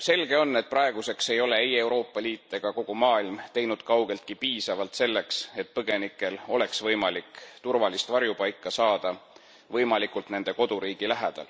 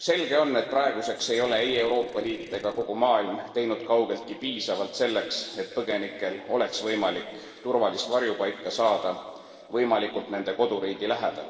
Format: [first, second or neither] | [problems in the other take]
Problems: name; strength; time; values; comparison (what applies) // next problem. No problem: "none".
first | noise reduction (neural separator model SepFormer DNS4)